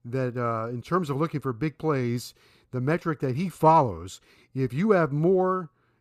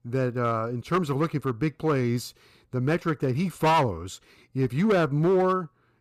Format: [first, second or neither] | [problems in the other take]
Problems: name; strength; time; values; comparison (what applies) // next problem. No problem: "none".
first | distortion; slight; 6% of the sound clipped